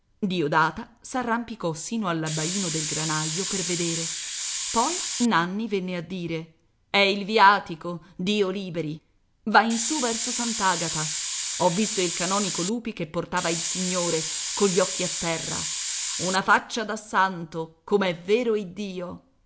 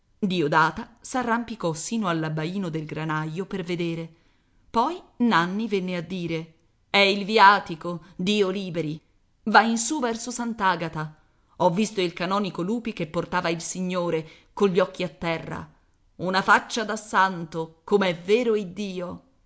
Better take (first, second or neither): second